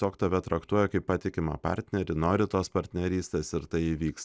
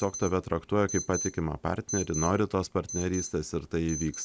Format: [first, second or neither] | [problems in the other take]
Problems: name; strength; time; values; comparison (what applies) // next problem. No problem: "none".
first | background sound (Alarm); 11 dB below the speech